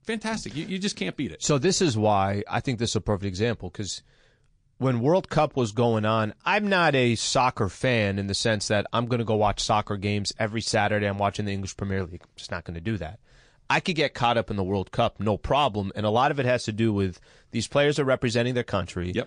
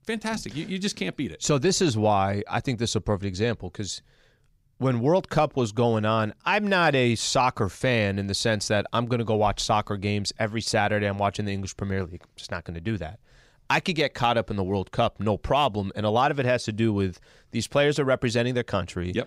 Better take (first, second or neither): second